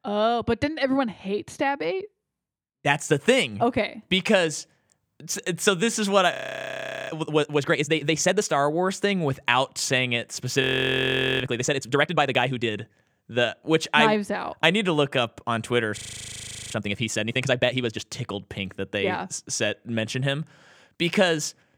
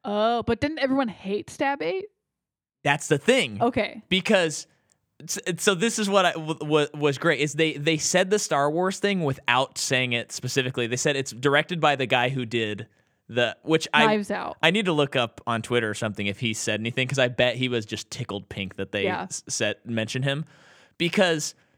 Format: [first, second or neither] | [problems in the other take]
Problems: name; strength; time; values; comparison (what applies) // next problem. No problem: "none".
second | audio freezing; at 6.5 s for 1 s, at 11 s for 1 s and at 16 s for 0.5 s